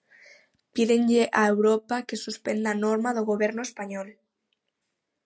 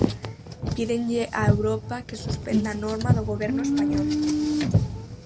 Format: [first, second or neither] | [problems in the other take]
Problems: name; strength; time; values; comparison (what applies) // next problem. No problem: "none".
first | background sound (Car); 5 dB above the speech